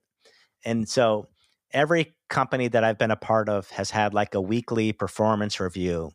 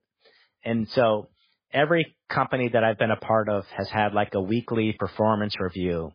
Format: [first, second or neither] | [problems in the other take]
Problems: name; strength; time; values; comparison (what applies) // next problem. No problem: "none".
first | garbled, watery; badly; nothing above 5 kHz